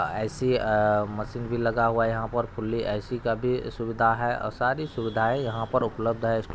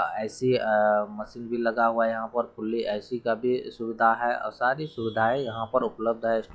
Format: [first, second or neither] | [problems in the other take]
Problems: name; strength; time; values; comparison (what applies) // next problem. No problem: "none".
first | noise reduction (classical method log-MMSE)